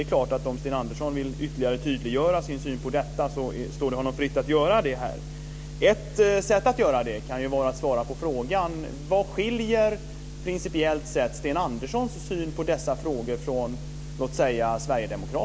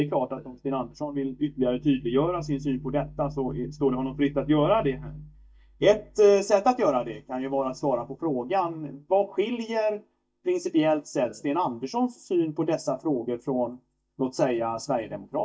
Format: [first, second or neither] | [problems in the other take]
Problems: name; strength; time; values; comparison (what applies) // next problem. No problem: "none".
first | noise reduction (neural mask model DeepFilterNet 3)